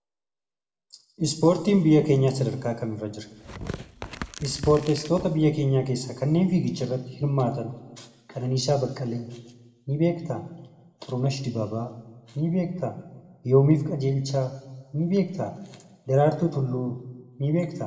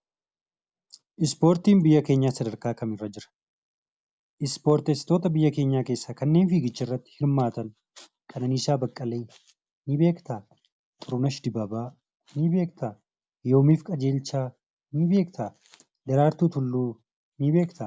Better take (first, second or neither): second